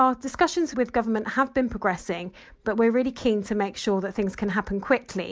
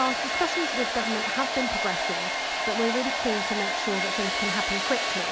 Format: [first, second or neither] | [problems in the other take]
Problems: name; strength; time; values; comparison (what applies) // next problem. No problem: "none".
first | background sound (Domestic sounds, home sounds); 3 dB above the speech